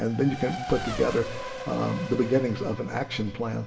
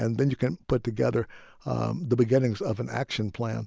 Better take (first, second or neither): second